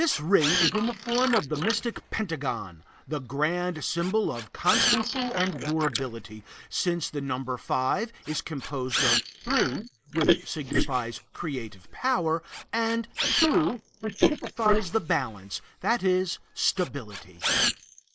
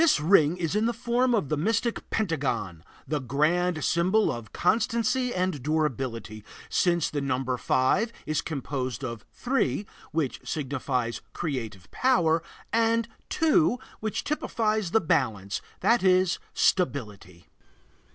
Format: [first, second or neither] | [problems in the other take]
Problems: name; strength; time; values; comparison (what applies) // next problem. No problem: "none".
second | noise reduction (neural mask model Resemble Enhance denoiser)